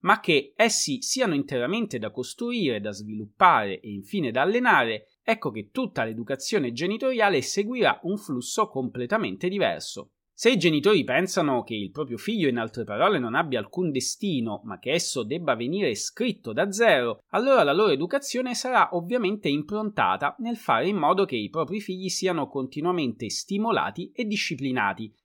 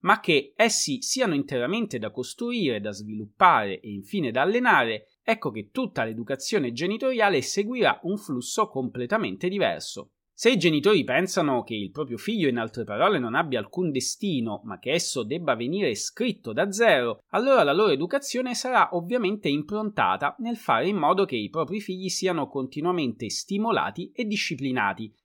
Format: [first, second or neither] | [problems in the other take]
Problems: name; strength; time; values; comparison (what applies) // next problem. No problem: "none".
neither | none